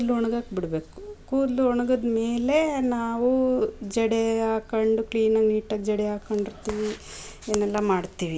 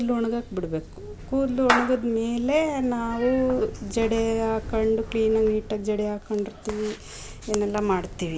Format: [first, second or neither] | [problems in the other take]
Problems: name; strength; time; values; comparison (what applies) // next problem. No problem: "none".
first | background sound (Meow / Clapping); 10 dB below the speech